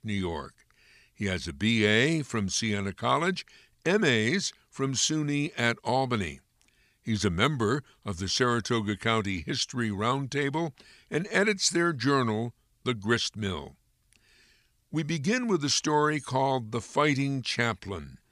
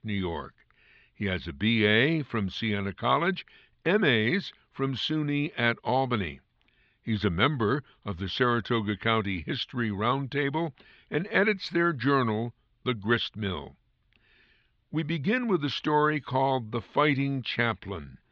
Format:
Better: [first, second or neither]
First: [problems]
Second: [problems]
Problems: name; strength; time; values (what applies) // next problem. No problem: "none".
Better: first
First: none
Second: muffled; very; fading above 3.5 kHz